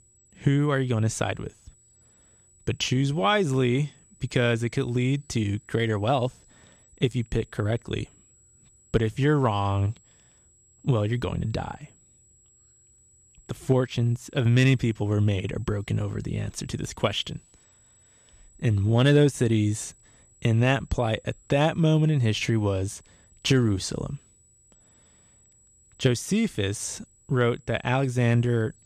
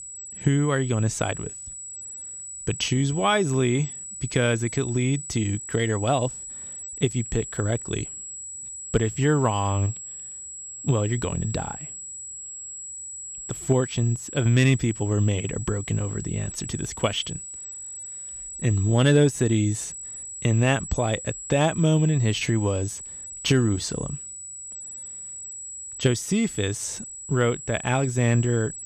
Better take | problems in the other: first | high-pitched whine; loud; throughout; 8 kHz, 10 dB below the speech; faint in the first

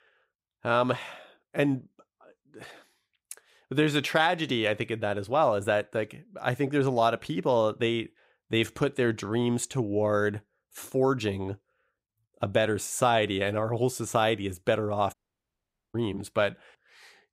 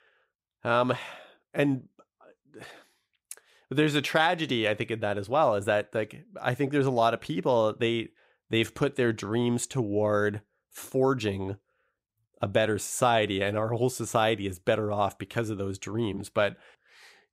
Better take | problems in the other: second | audio cutting out; at 15 s for 1 s

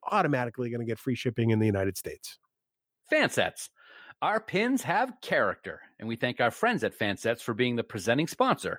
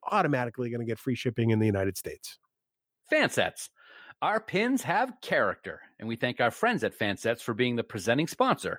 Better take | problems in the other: neither | none

